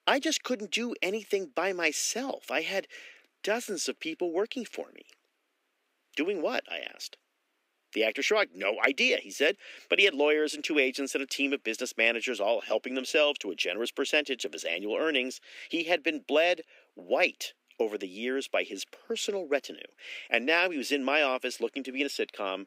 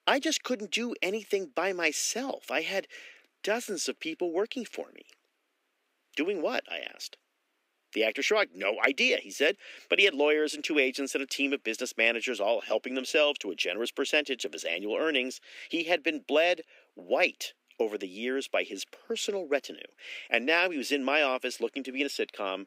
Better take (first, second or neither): neither